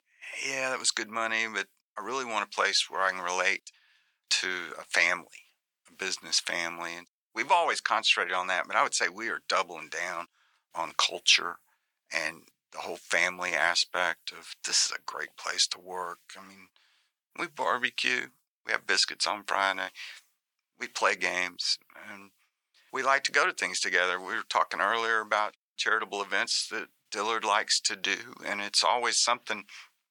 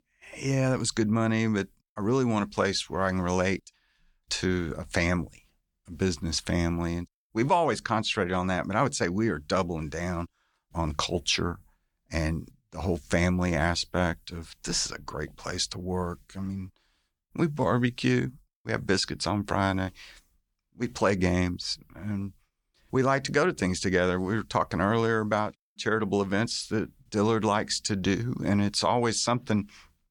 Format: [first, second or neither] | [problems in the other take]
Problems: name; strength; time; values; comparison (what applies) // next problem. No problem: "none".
second | thin; very; fading below 800 Hz